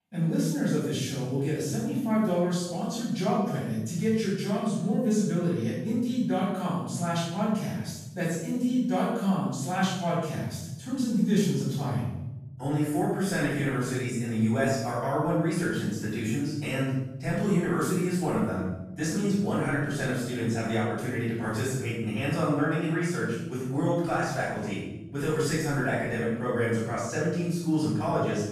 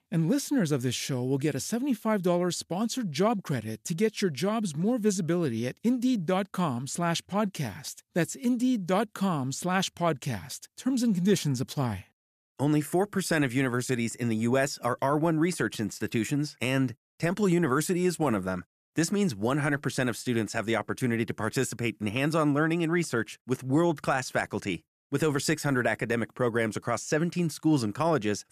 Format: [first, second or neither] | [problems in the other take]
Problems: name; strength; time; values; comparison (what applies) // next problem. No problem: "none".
second | room echo; strong; dies away in 1.1 s // off-mic speech; far